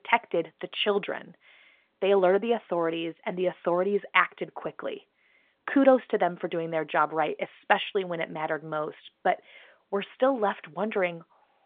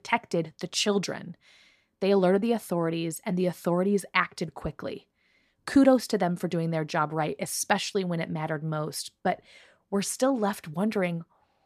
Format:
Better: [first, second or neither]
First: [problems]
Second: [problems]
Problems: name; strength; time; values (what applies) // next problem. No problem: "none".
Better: second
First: phone-call audio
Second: none